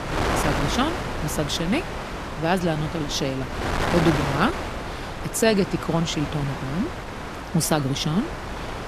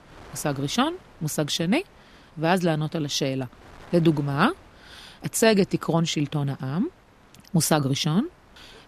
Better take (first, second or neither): second